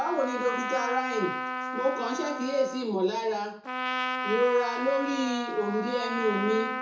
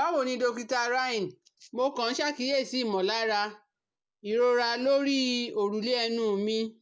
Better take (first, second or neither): second